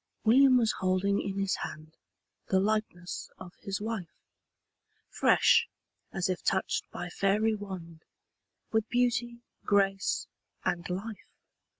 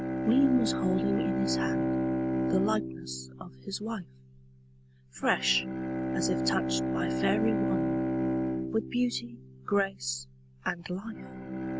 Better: first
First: none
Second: background sound (Bowed string instrument); as loud as the speech

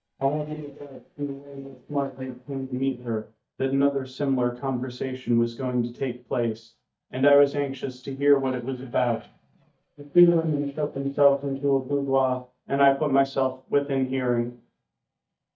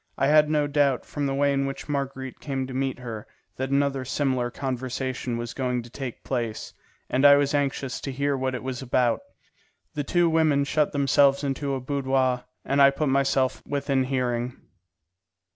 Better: second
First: noise reduction (neural mask model DeepFilterNet 3)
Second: none

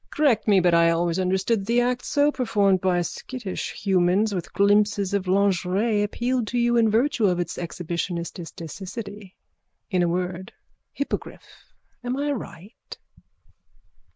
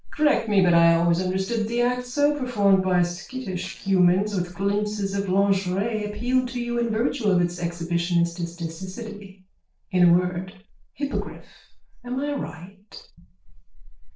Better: first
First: none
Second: noise reduction (neural separator model SepFormer DNS4)

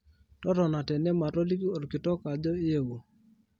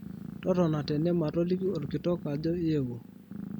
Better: first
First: none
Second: background sound (Purr); 12 dB below the speech

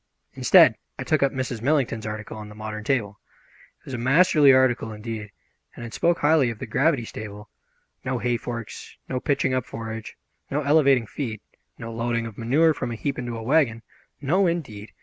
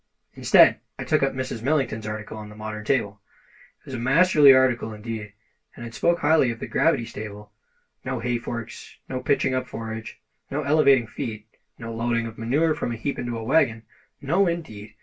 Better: first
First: none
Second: room echo; dies away in 0.2 s

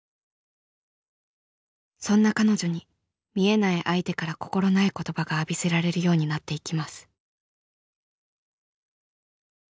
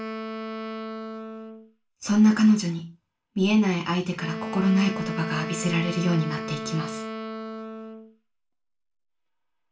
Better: first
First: none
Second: background sound (Wind instrument, woodwind instrument); 10 dB below the speech // room echo; dies away in 0.3 s

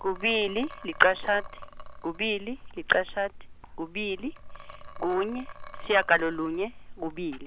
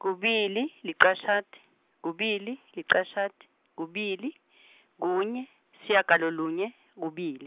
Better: second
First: background sound (Liquid); 12 dB below the speech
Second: none

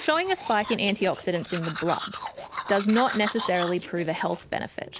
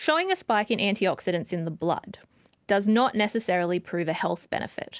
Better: second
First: background sound (Domestic sounds, home sounds); 10 dB below the speech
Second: none

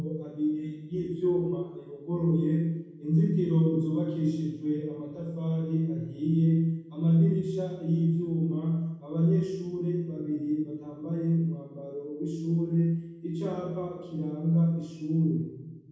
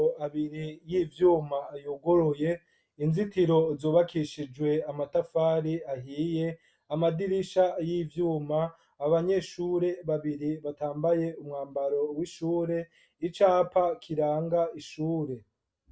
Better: second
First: room echo; dies away in 1.1 s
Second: none

